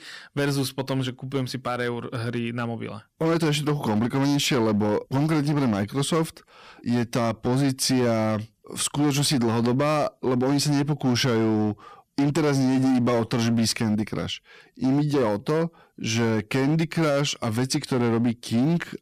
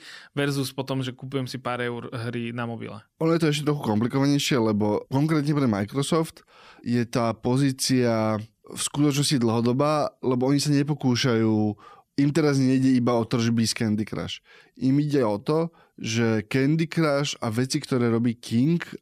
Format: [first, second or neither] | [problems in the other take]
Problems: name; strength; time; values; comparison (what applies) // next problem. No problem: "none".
second | distortion; slight; 13% of the sound clipped